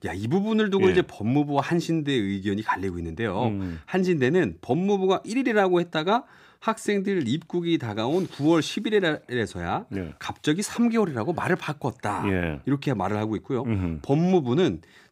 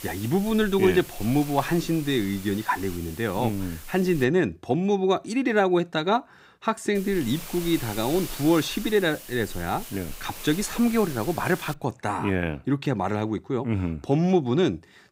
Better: first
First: none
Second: hiss; noticeable; until 4 s and from 7 to 12 s; 15 dB below the speech

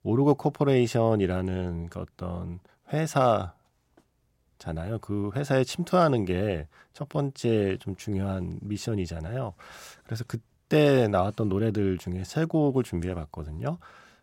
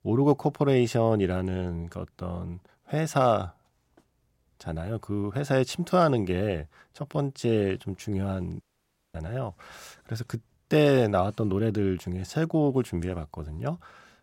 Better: first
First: none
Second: audio cutting out; at 8.5 s for 0.5 s

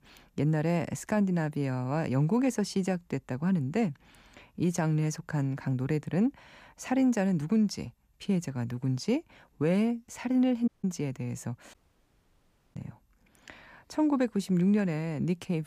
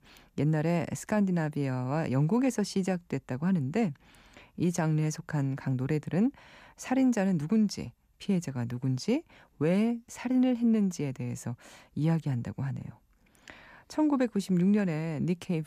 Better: second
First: audio cutting out; at 11 s and at 12 s for 1 s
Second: none

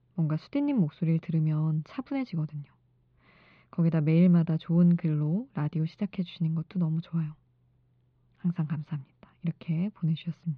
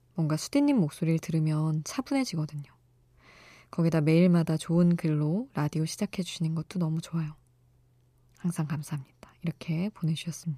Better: second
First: muffled; slightly; fading above 4 kHz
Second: none

